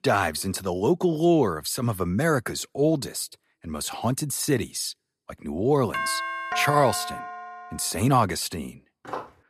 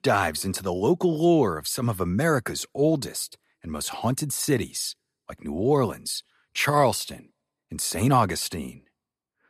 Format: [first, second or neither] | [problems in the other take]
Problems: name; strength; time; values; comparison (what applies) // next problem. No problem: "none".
second | doorbell; noticeable; from 6 to 8 s; peak 3 dB below the speech // footsteps; faint; at 9 s; peak 10 dB below the speech